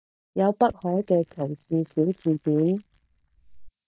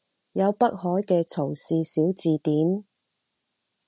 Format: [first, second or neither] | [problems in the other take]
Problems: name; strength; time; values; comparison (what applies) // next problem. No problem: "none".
second | noise reduction (neural mask model DeepFilterNet 3)